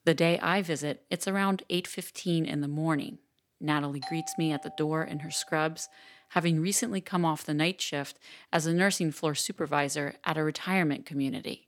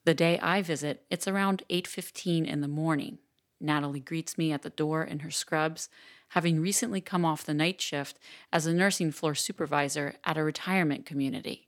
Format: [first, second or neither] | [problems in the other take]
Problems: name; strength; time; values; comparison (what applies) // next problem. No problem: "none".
second | doorbell; faint; from 4 to 5.5 s; peak 10 dB below the speech